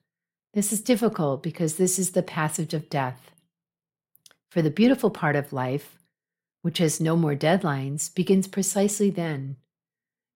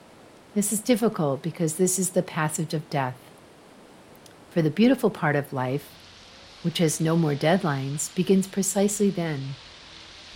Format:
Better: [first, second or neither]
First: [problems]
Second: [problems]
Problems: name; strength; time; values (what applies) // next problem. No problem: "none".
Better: first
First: none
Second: rain or running water; faint; throughout; 20 dB below the speech